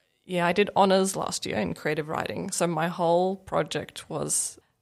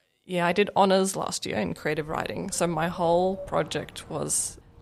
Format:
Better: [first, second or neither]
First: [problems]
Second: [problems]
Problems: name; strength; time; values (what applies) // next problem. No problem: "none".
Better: first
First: none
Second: wind in the background; noticeable; from 2 s on; 20 dB below the speech